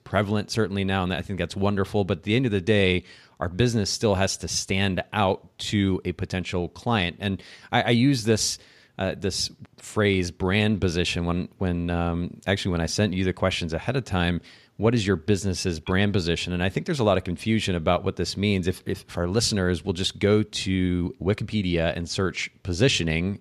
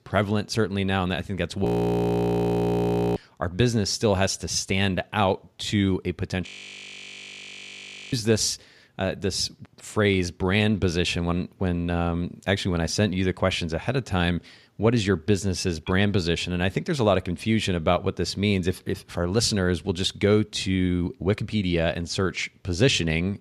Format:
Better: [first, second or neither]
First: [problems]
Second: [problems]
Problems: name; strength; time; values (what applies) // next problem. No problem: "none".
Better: first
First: none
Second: audio freezing; at 1.5 s for 1.5 s and at 6.5 s for 1.5 s